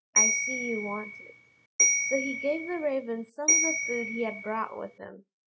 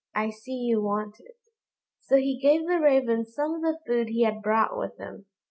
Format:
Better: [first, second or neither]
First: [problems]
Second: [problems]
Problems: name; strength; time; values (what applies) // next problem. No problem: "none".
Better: second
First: background sound (Bell); 5 dB above the speech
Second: none